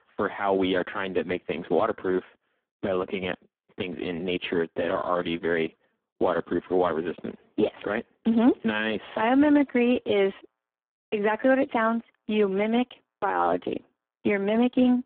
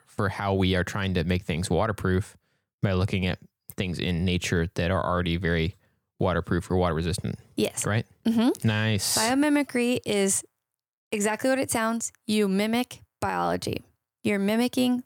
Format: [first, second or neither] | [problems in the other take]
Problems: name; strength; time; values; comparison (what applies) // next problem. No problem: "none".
second | phone-call audio; poor line